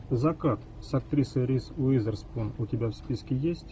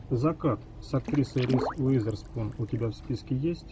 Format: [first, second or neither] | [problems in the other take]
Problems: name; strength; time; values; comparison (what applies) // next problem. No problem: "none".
first | background sound (Water / Splash, splatter); 10 dB below the speech